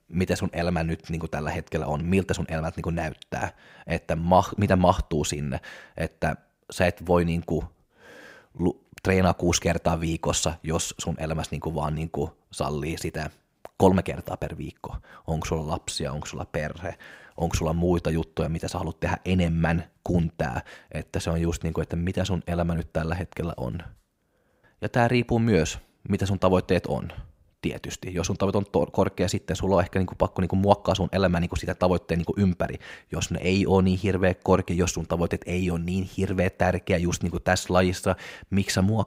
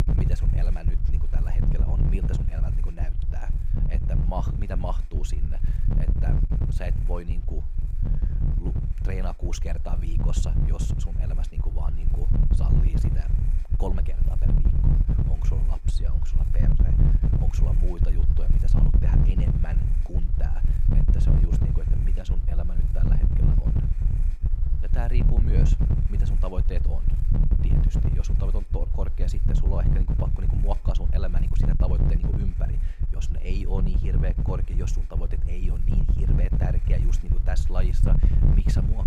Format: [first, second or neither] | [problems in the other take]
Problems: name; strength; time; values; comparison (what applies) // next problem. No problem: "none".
first | wind noise on the microphone; heavy; as loud as the speech